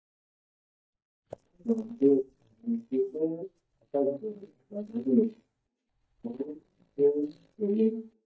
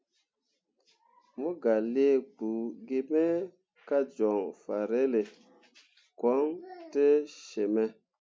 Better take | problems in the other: second | noise reduction (neural mask model DeepFilterNet 3)

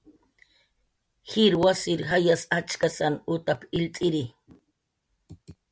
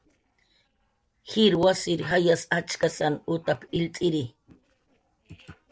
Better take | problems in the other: first | noise reduction (neural separator model SepFormer DNS4)

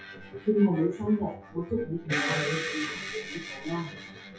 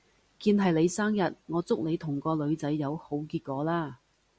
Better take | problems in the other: second | noise reduction (classical method WPE with log-MMSE)

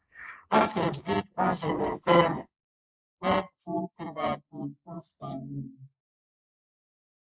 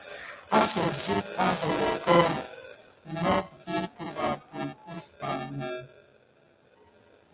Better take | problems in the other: second | noise reduction (neural mask model Resemble Enhance denoiser)

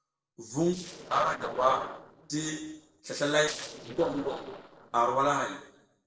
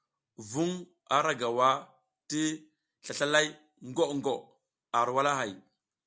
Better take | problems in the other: second | noise reduction (neural separator model SepFormer DNS4)

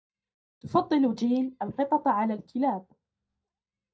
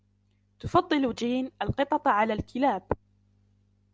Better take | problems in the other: second | noise reduction (neural mask model DeepFilterNet 3)

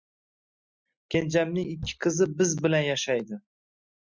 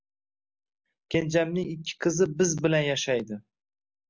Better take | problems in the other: second | noise reduction (classical method Wiener filter)

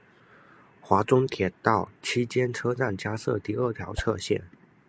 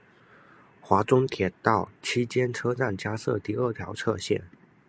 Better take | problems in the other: second | background sound (Whoosh, swoosh, swish); 9 dB below the speech

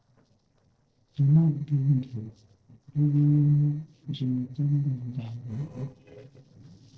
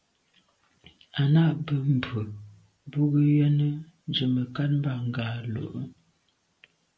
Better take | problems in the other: second | noise reduction (neural separator model SepFormer DNS4)

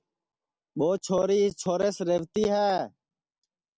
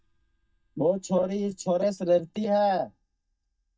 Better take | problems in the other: first | noise reduction (neural mask model DeepFilterNet 3)

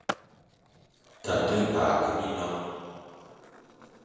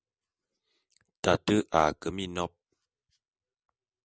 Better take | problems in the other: second | background sound (Skateboard); 14 dB below the speech // room echo; dies away in 1.9 s

